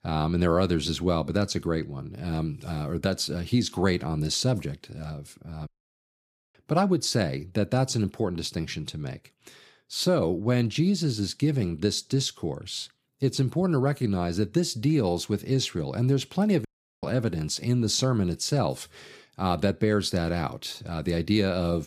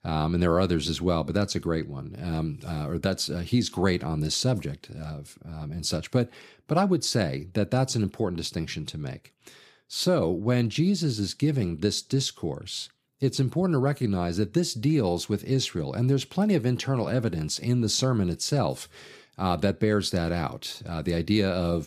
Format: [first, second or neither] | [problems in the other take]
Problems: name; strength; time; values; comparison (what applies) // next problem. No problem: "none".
second | audio cutting out; at 5.5 s for 1 s and at 17 s